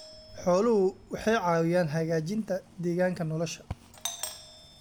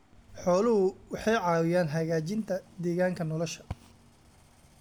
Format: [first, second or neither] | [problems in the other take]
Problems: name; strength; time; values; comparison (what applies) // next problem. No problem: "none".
second | background sound (Doorbell); 18 dB below the speech